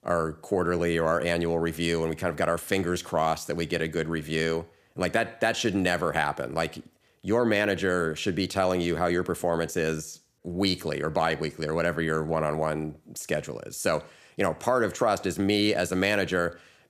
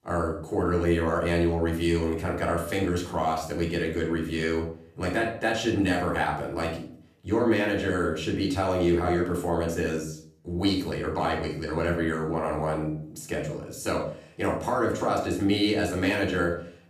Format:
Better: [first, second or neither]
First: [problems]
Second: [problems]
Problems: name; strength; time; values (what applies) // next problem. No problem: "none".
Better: first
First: none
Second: off-mic speech; somewhat distant // room echo; slight; dies away in 0.4 s